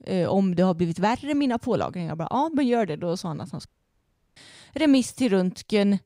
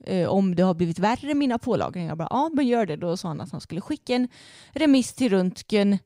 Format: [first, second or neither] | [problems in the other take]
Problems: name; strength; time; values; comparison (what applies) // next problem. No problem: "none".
second | audio cutting out; at 3.5 s for 0.5 s